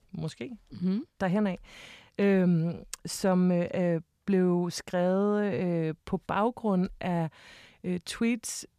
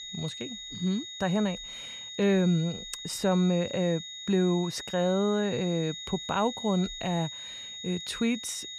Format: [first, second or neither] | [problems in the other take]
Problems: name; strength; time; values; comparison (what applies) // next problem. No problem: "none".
first | high-pitched whine; loud; throughout; 3.5 kHz, 9 dB below the speech